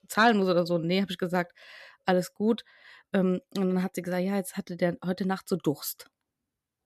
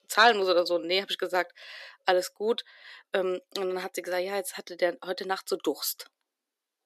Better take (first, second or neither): first